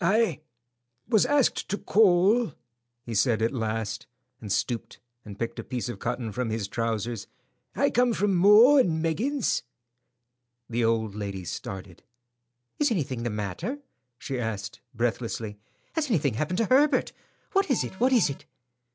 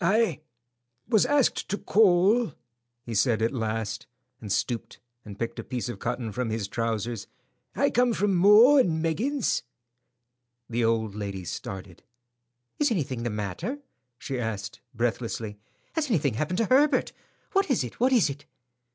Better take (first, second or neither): second